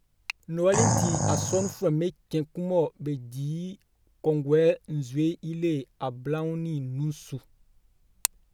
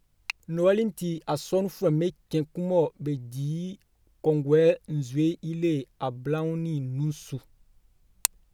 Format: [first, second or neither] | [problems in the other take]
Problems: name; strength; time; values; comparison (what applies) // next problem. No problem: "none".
second | background sound (Animal); 1 dB above the speech